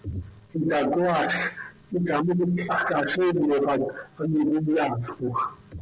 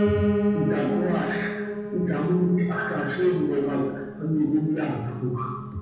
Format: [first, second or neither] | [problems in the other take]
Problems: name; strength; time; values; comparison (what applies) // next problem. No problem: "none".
first | background sound (Piano); 3 dB below the speech // room echo; dies away in 1 s